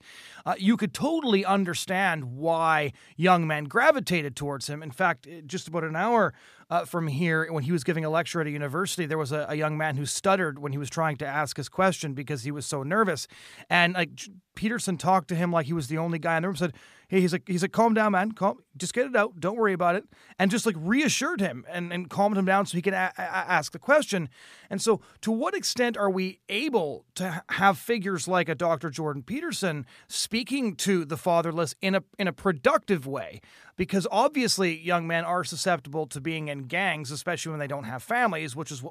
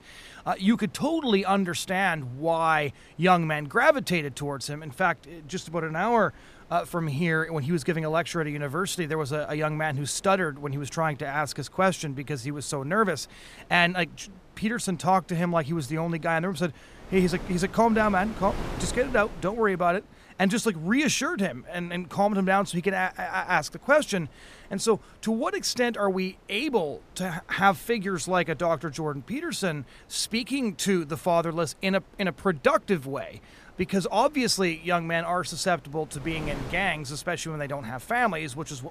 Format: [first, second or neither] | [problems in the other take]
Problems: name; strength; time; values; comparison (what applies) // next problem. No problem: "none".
first | wind noise on the microphone; occasional gusts; 25 dB below the speech